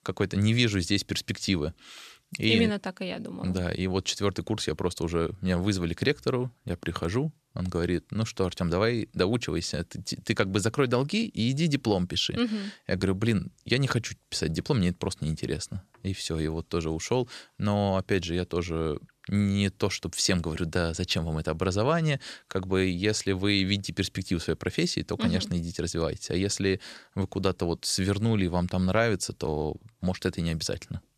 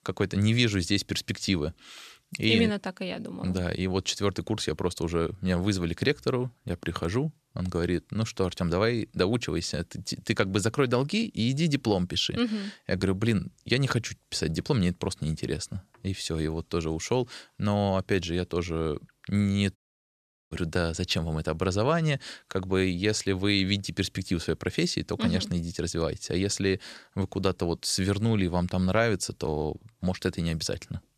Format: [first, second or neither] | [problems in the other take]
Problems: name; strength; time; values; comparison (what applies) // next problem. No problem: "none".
first | audio cutting out; at 20 s for 1 s